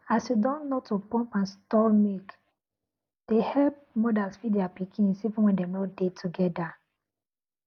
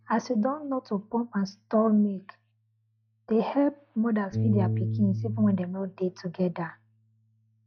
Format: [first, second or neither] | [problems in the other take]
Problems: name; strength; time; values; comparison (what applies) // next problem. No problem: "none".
first | noise reduction (classical method log-MMSE)